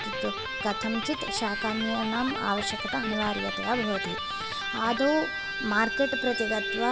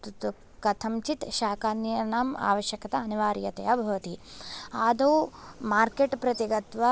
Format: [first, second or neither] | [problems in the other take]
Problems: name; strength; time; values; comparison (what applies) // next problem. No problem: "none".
second | background sound (Electric guitar); 3 dB below the speech // room echo; dies away in 0.6 s